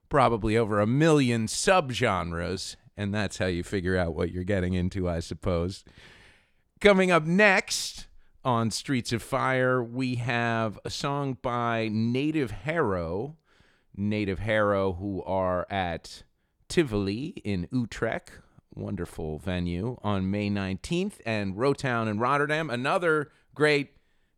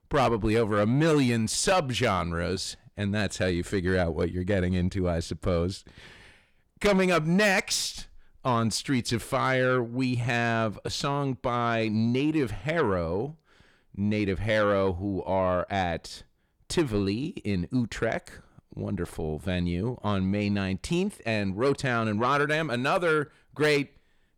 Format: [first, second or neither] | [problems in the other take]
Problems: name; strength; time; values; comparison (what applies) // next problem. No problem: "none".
first | distortion; slight; 10 dB below the speech